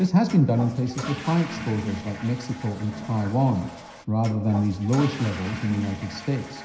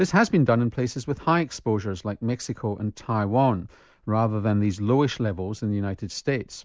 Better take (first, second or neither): second